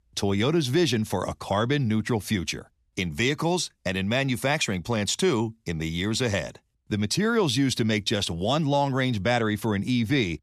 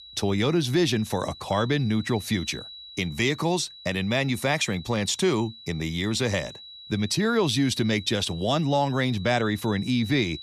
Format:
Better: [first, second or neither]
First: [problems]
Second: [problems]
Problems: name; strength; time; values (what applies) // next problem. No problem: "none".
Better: first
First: none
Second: high-pitched whine; noticeable; throughout; 4 kHz, 15 dB below the speech